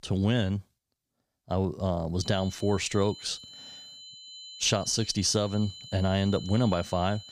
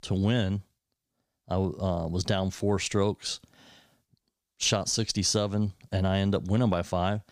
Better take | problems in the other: second | high-pitched whine; noticeable; from 2 s on; 4 kHz, 15 dB below the speech

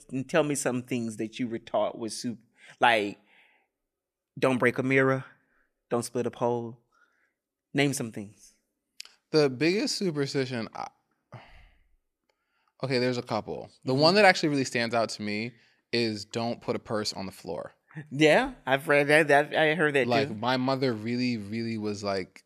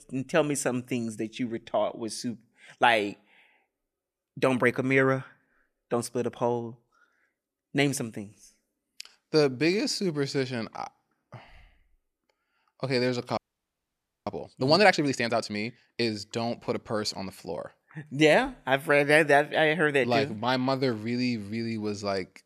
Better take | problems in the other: first | audio freezing; at 13 s for 1 s

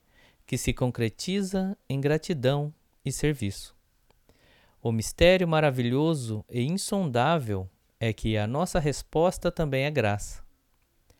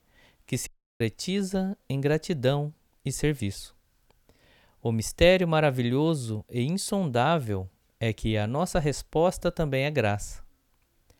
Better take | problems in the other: first | audio cutting out; at 0.5 s

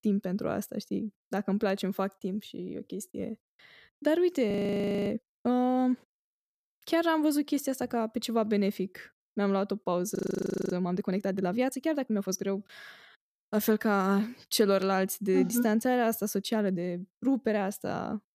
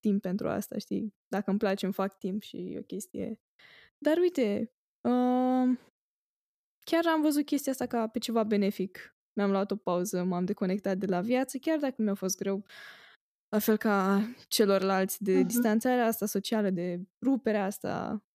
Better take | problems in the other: second | audio freezing; at 4.5 s for 0.5 s and at 10 s for 0.5 s

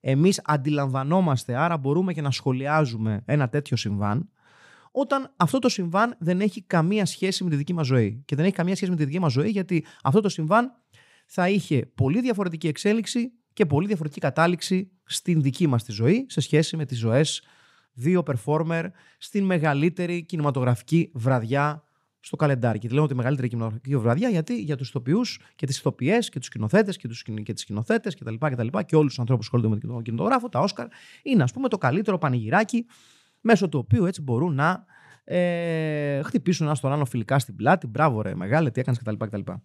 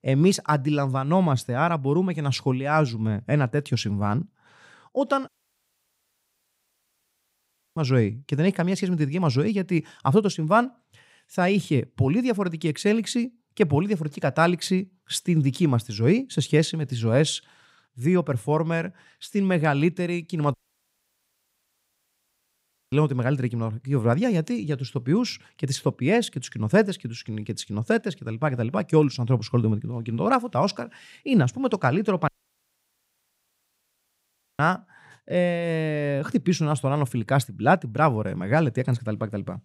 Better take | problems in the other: first | audio cutting out; at 5.5 s for 2.5 s, at 21 s for 2.5 s and at 32 s for 2.5 s

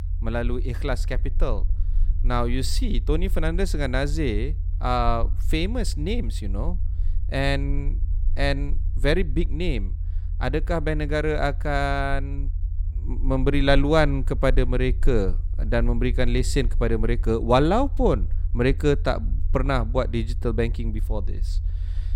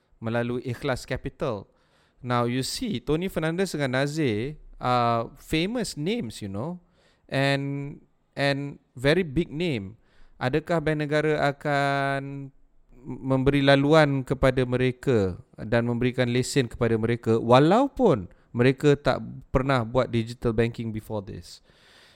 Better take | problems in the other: second | low rumble; faint; throughout; 25 dB below the speech

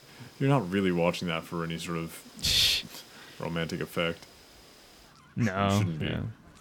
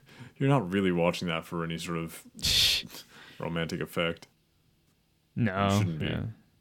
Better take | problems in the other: second | animal sounds; faint; throughout; 25 dB below the speech

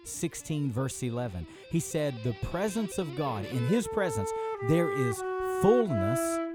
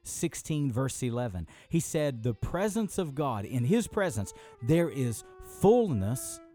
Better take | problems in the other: second | background music; loud; throughout; 3 dB below the speech; faint in the second

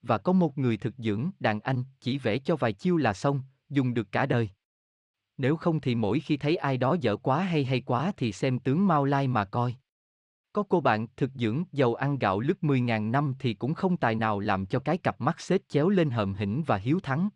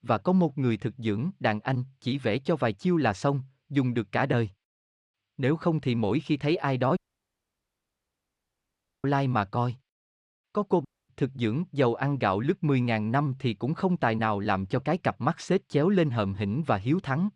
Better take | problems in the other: first | audio cutting out; at 7 s for 2 s and at 11 s

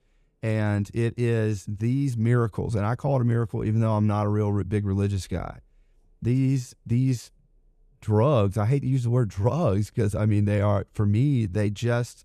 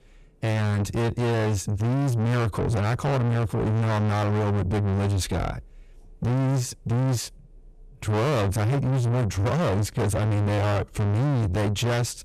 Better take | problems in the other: first | distortion; heavy; 5 dB below the speech

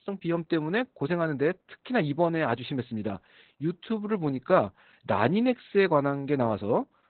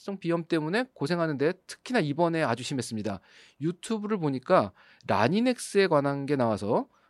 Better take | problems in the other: second | garbled, watery; badly; nothing above 4 kHz

